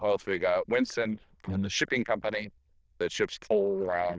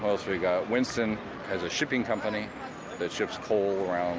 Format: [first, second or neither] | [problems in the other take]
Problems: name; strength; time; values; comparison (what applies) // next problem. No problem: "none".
second | noise reduction (neural diffusion model UNIVERSE++)